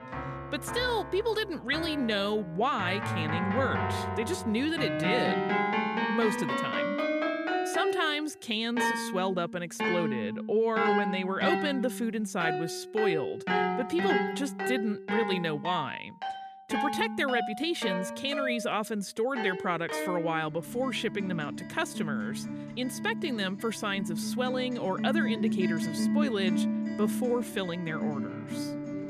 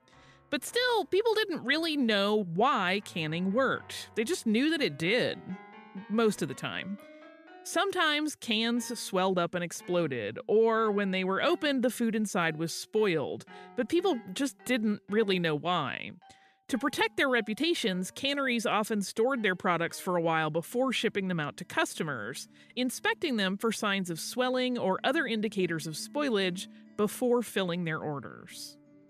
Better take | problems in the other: second | background music; loud; throughout; 1 dB below the speech; faint in the second

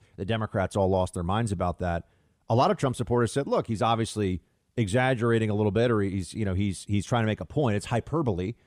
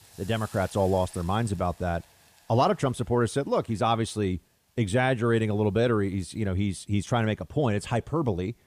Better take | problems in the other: first | hiss; faint; throughout; 25 dB below the speech

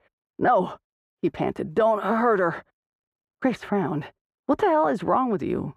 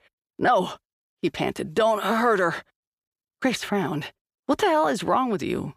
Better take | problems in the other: second | muffled; very; fading above 2.5 kHz

